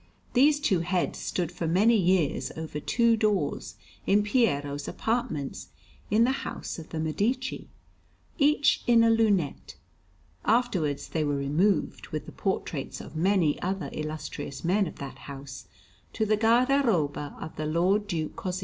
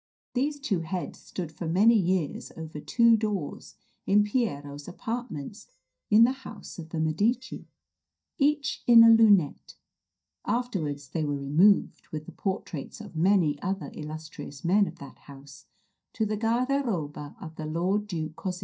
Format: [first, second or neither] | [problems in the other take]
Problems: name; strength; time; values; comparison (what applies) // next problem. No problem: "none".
first | noise reduction (neural mask model DeepFilterNet 3)